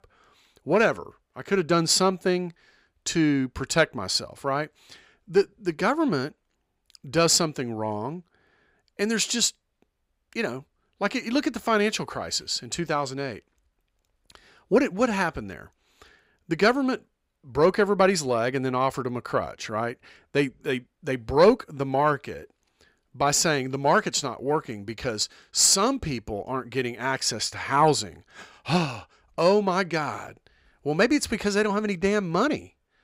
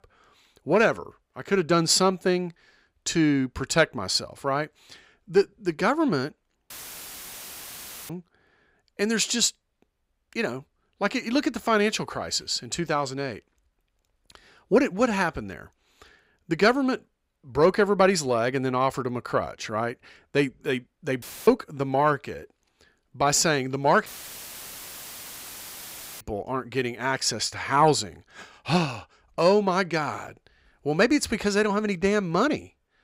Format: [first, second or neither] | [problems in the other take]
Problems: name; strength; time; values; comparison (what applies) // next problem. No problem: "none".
first | audio cutting out; filled with static; at 6.5 s for 1.5 s, at 21 s and at 24 s for 2 s